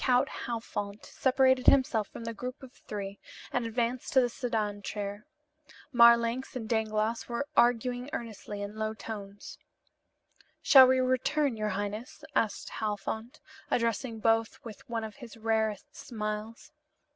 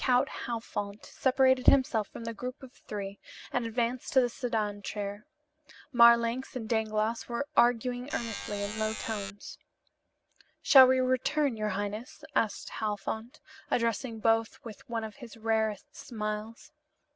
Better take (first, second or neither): first